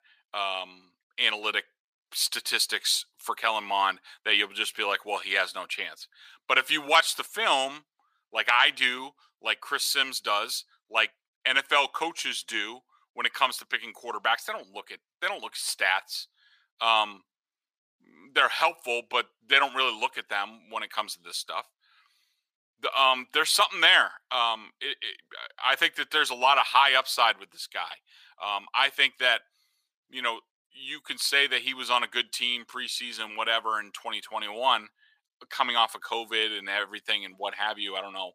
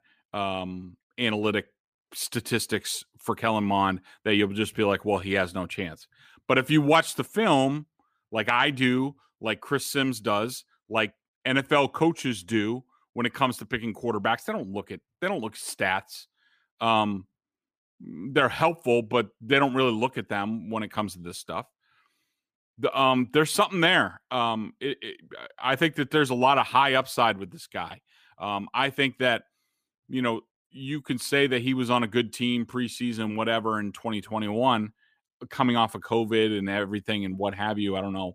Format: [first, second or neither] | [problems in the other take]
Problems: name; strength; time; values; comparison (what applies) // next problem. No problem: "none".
second | thin; very; fading below 900 Hz